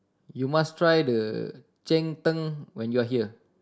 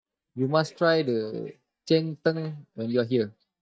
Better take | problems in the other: first | noise reduction (neural mask model DeepFilterNet 3)

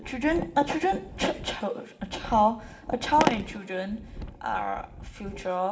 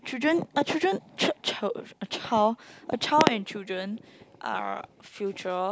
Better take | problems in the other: second | background sound (Wind); 15 dB below the speech // room echo; dies away in 1.6 s

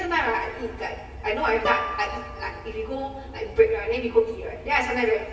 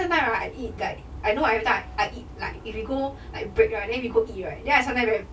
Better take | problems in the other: second | background sound (Guitar); 10 dB below the speech // room echo; dies away in 2 s

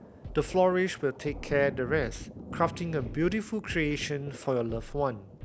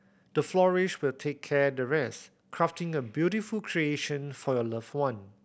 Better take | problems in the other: second | background sound (Scratching (performance technique) + Thunder); 12 dB below the speech

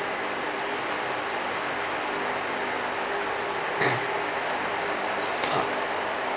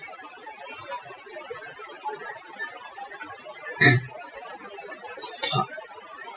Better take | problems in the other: first | noise reduction (classical method Wiener filter)

